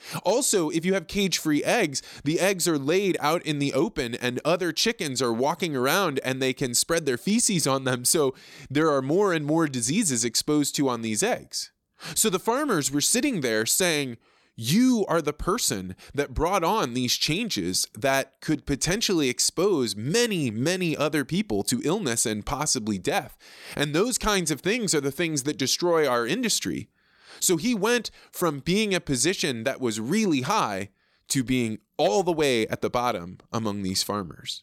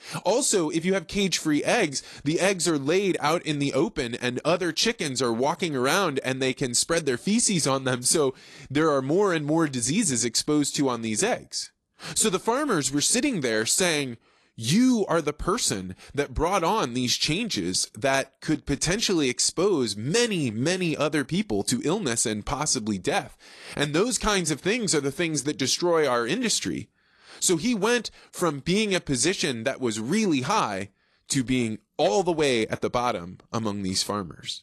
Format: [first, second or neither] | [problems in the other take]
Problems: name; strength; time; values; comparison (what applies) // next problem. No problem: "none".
first | garbled, watery; slightly